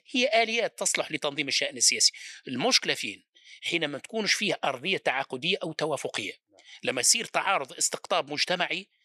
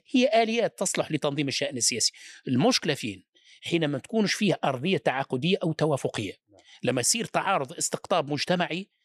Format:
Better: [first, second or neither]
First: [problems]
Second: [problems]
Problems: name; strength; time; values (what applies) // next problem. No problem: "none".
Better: second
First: thin; very slightly; fading below 600 Hz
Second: none